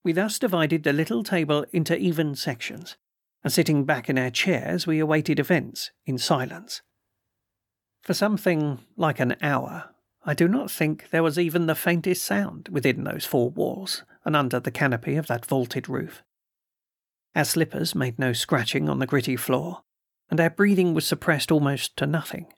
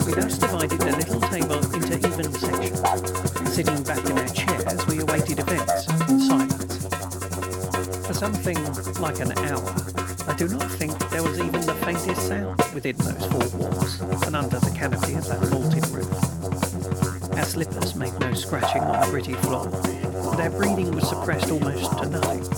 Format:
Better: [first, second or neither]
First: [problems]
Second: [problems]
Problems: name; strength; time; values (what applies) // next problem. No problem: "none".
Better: first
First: none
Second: background music; very loud; throughout; 4 dB above the speech